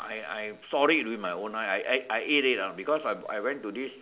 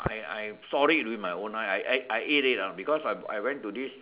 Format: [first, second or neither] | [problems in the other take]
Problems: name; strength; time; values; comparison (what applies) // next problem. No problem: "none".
first | background sound (Tap); 15 dB below the speech